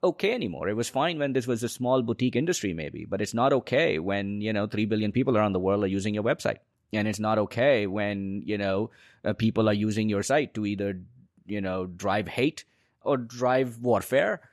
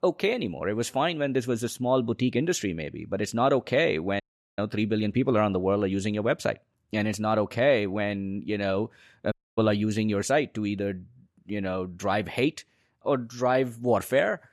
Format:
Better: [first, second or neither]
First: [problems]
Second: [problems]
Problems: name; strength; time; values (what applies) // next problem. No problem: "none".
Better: first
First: none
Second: audio cutting out; at 4 s and at 9.5 s